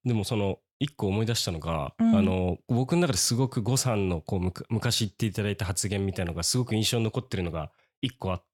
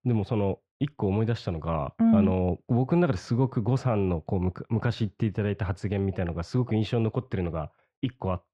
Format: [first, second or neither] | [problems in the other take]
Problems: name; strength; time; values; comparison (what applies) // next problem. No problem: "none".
first | muffled; very; fading above 1.5 kHz